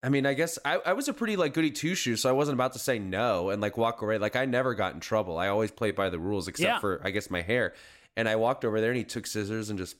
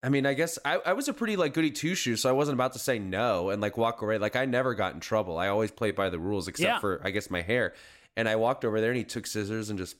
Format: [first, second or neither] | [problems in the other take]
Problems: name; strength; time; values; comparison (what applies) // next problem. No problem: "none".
neither | none